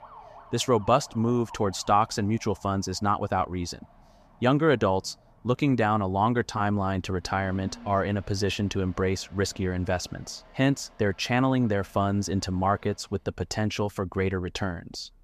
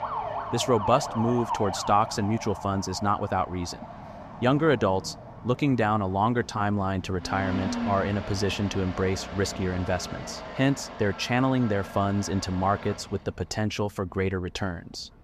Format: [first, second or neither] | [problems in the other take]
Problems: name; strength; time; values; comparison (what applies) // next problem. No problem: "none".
first | traffic noise; loud; throughout; 10 dB below the speech; faint in the first